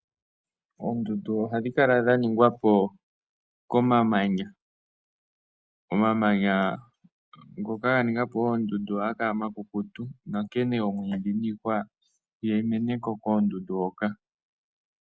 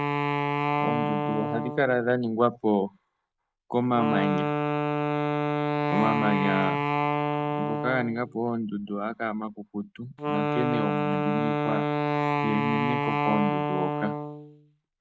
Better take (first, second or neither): first